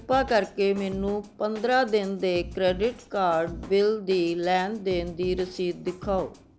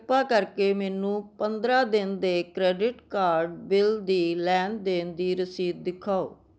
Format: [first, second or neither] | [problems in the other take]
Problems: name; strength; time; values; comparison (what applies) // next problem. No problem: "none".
second | background sound (Drum kit); 16 dB below the speech